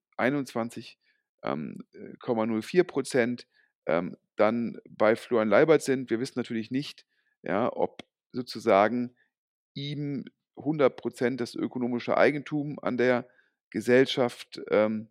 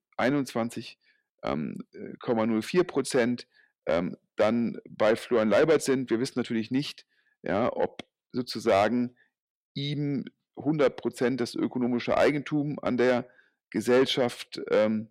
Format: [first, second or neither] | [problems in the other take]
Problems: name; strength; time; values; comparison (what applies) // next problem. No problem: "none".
first | distortion; slight; 10 dB below the speech